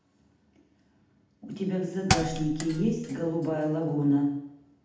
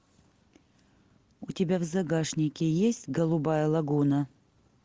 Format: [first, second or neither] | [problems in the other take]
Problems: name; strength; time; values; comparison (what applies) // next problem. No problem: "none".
second | background sound (Thump, thud); 5 dB below the speech // room echo; dies away in 0.8 s